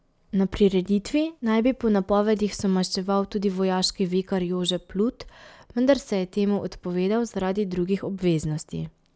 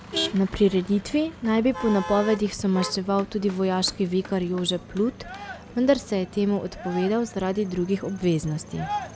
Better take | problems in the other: first | background sound (Motor vehicle (road)); 12 dB below the speech

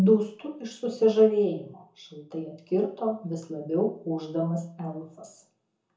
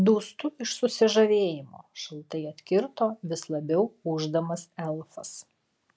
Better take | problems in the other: second | room echo; dies away in 0.6 s

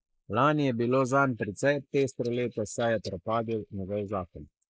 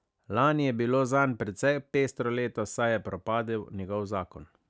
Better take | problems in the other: second | noise reduction (neural mask model Resemble Enhance denoiser)

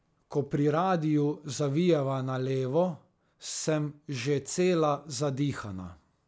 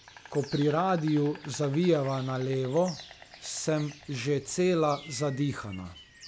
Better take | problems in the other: first | background sound (Insect); 19 dB below the speech

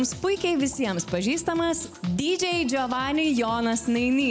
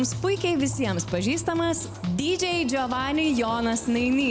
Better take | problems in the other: first | background sound (Motorcycle); 12 dB below the speech

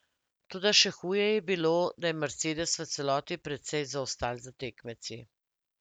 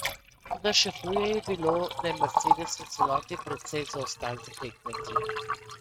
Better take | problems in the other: first | noise reduction (neural mask model RNNoise)

